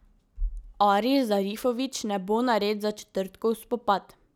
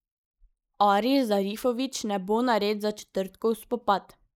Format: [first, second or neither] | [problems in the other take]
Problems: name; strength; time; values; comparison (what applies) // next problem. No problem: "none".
first | noise reduction (neural mask model Resemble Enhance denoiser)